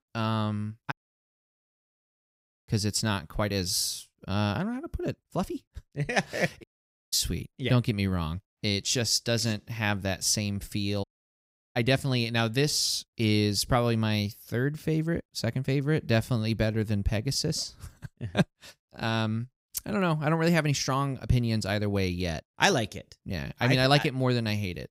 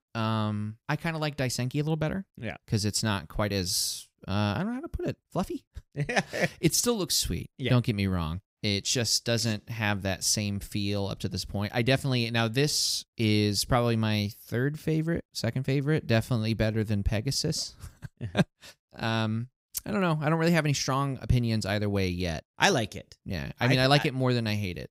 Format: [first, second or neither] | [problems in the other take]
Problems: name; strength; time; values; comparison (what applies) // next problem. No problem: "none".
second | audio cutting out; at 1 s for 2 s, at 6.5 s and at 11 s for 0.5 s